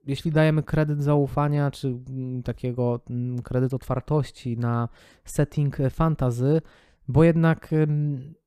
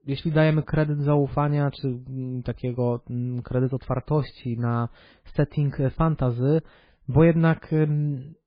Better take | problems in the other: first | garbled, watery; badly; nothing above 5 kHz

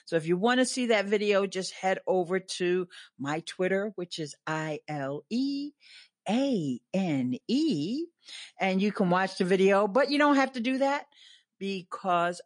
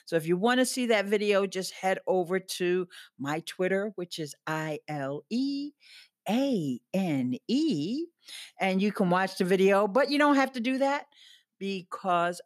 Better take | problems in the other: second | garbled, watery; slightly; nothing above 10 kHz

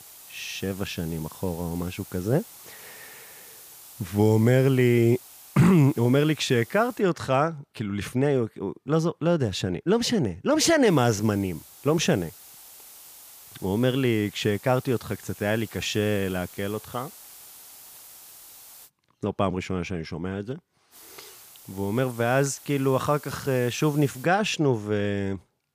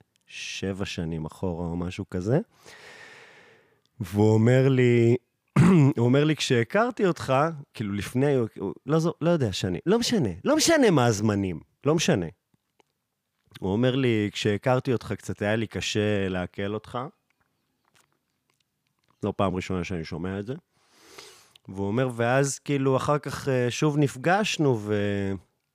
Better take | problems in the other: second | hiss; noticeable; until 7 s, from 11 to 19 s and from 21 to 24 s; 20 dB below the speech

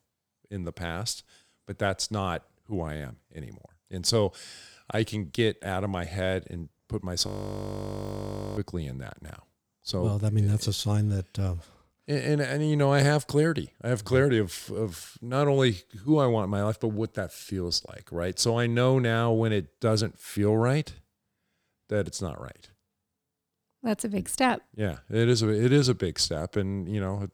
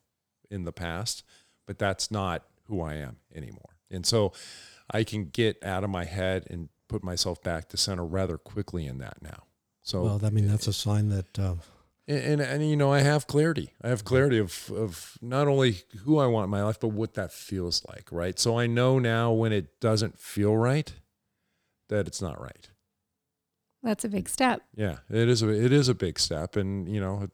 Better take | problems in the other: second | audio freezing; at 7.5 s for 1.5 s

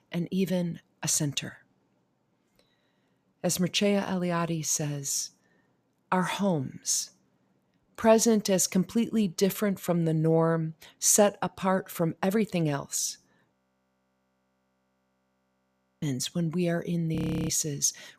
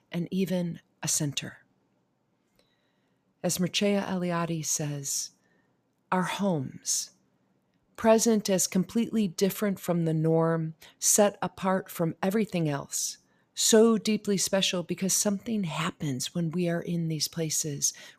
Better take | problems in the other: second | audio freezing; at 14 s for 2.5 s and at 17 s

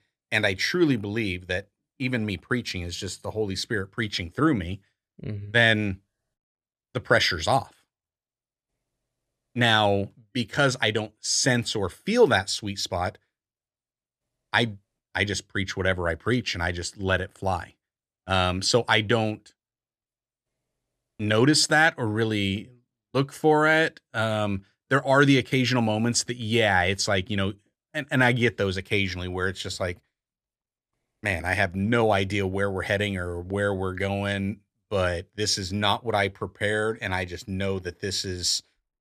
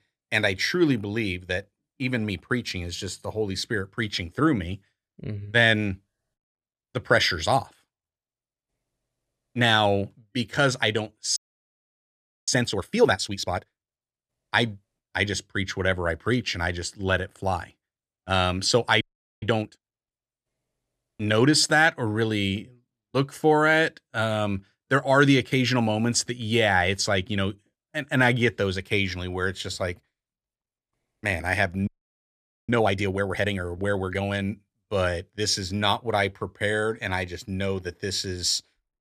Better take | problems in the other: first | audio freezing; at 11 s for 1 s, at 19 s and at 32 s for 1 s

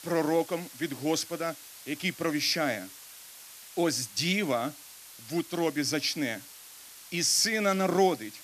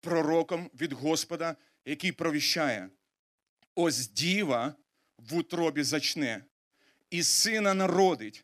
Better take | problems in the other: second | hiss; noticeable; throughout; 15 dB below the speech

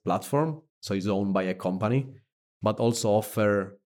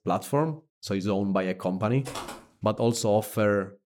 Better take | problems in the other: first | footsteps; faint; at 2 s; peak 10 dB below the speech

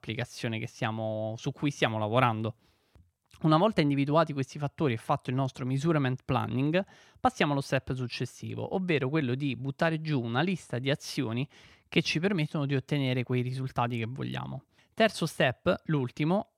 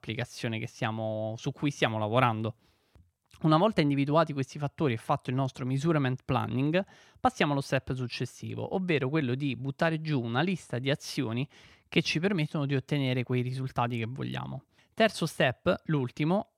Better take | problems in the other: neither | none

